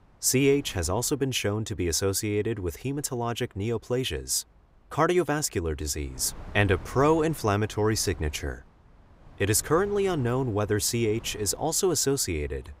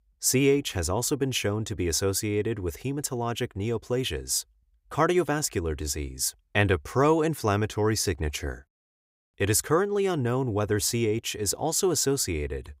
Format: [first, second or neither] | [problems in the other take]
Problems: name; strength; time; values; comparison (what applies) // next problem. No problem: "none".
second | wind noise on the microphone; occasional gusts; 25 dB below the speech